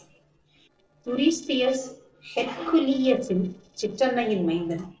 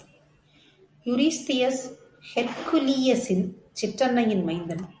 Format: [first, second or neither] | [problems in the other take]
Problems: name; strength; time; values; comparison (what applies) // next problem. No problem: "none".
second | noise reduction (neural separator model SepFormer DNS4)